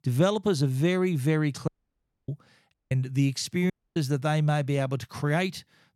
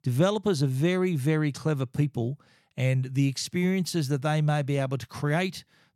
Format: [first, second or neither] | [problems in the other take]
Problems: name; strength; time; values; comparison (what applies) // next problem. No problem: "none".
second | audio cutting out; at 1.5 s for 0.5 s, at 2.5 s and at 3.5 s